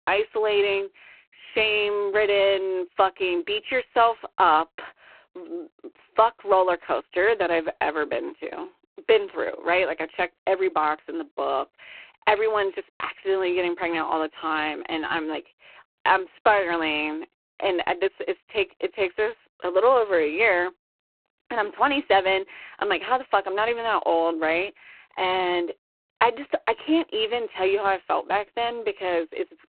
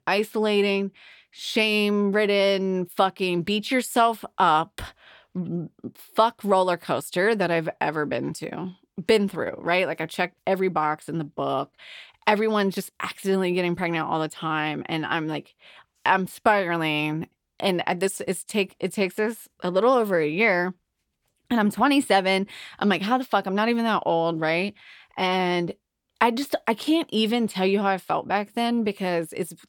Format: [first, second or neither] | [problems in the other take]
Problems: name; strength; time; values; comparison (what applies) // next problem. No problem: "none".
second | phone-call audio; poor line; nothing above 4 kHz